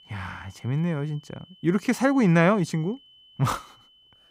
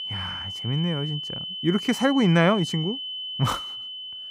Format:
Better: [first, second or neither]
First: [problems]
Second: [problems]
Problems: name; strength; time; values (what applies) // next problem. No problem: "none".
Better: first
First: high-pitched whine; faint; throughout; 3 kHz, 30 dB below the speech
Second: high-pitched whine; loud; throughout; 3 kHz, 7 dB below the speech